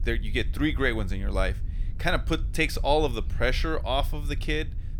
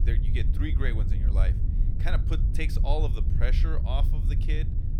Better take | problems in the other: first | low rumble; loud; throughout; 7 dB below the speech; faint in the first

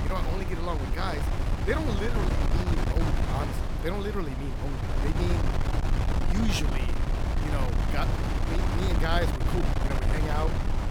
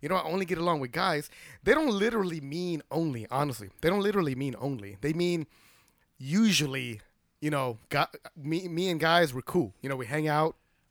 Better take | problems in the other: second | wind noise on the microphone; heavy; as loud as the speech

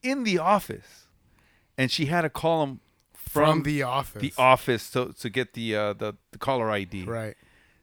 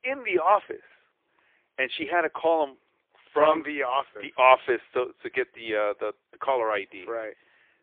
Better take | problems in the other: first | phone-call audio; poor line

